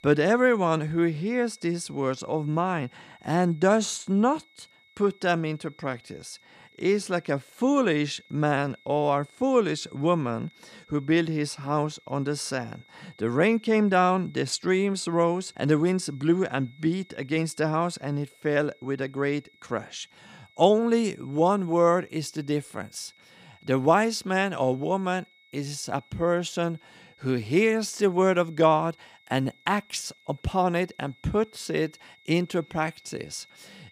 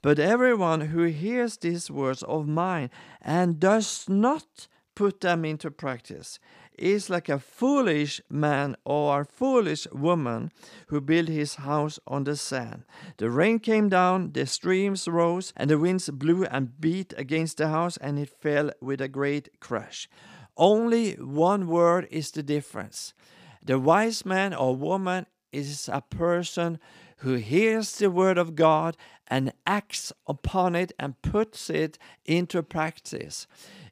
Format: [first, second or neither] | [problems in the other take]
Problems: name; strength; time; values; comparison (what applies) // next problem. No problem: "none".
second | high-pitched whine; faint; throughout; 2 kHz, 30 dB below the speech